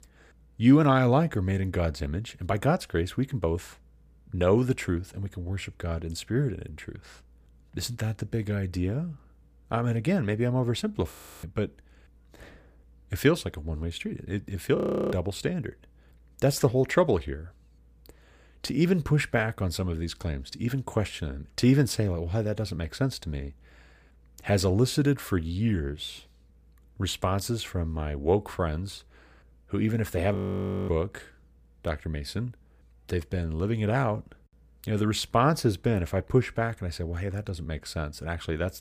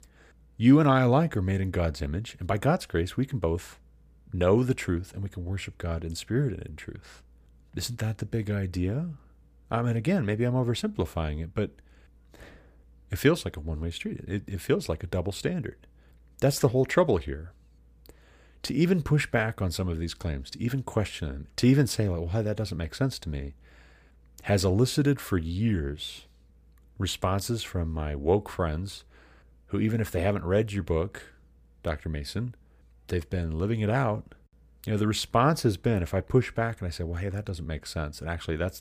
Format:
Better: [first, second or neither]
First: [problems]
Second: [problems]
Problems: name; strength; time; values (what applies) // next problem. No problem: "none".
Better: second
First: audio freezing; at 11 s, at 15 s and at 30 s for 0.5 s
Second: none